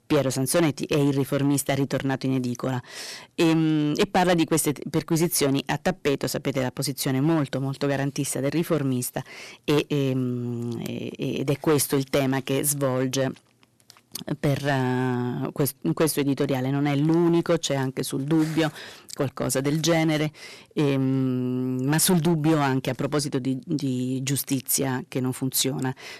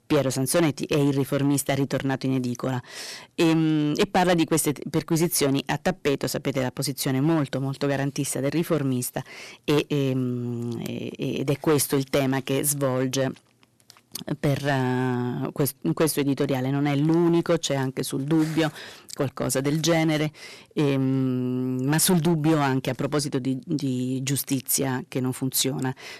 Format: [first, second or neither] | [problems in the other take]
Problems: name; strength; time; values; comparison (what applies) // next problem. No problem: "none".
neither | distortion; slight; 6% of the sound clipped; the same in both